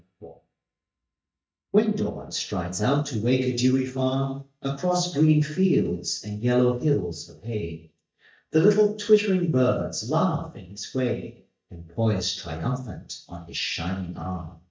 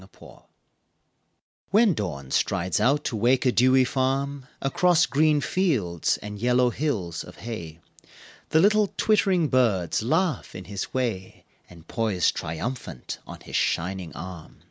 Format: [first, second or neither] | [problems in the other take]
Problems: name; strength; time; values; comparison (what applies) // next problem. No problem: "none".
second | noise reduction (neural mask model DeepFilterNet 3)